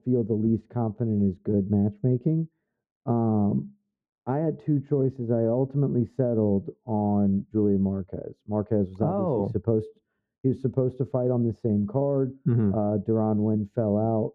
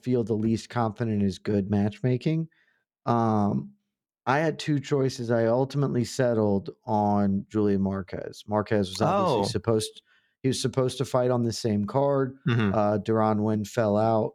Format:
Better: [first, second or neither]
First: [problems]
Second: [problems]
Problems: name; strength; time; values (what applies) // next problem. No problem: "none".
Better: second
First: muffled; very; fading above 1.5 kHz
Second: none